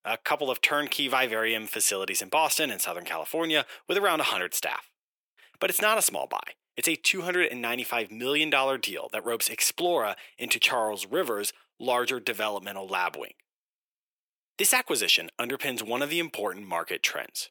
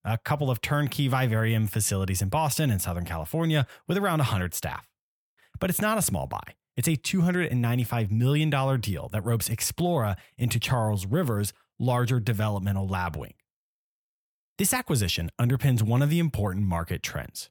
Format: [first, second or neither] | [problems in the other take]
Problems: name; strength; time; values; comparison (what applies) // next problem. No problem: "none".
second | thin; very; fading below 350 Hz